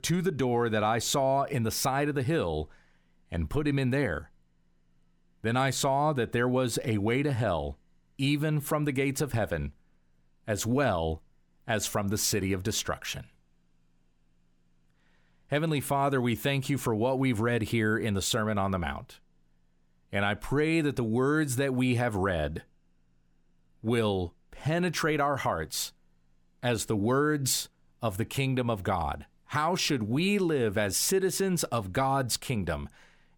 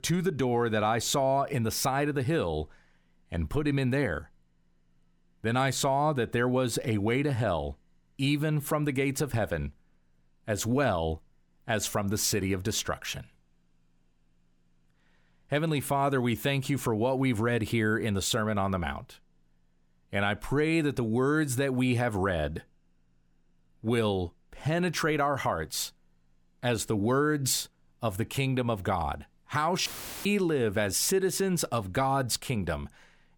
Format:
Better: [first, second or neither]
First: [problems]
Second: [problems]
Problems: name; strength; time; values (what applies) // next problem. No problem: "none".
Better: first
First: none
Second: audio cutting out; filled with static; at 30 s